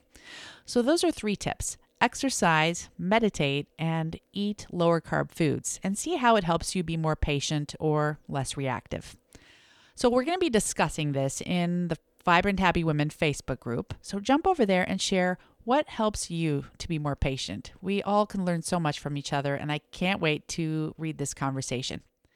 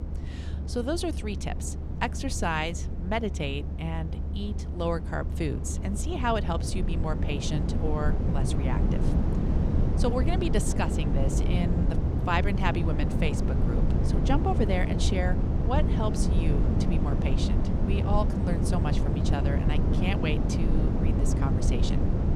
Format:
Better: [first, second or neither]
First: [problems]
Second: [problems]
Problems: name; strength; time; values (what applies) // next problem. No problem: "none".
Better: first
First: none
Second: low rumble; loud; throughout; 4 dB below the speech